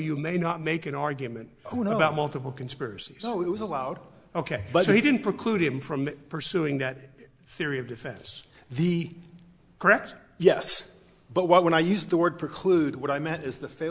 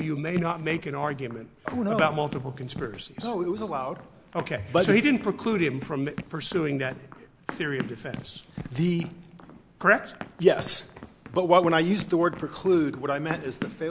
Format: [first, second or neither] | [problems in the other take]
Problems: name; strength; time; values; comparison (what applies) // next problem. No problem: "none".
first | background sound (Run); 14 dB below the speech